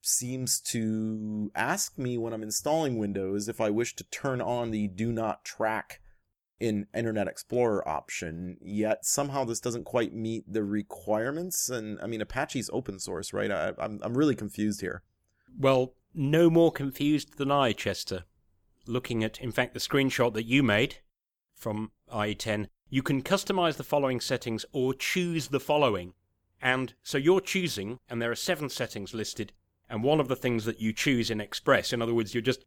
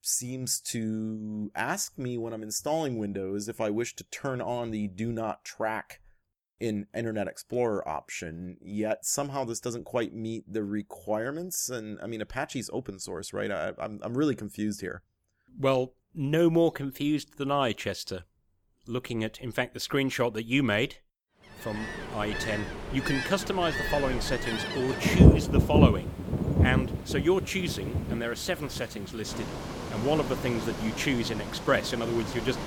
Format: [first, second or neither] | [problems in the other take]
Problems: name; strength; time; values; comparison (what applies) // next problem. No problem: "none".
first | rain or running water; very loud; from 22 s on; 2 dB above the speech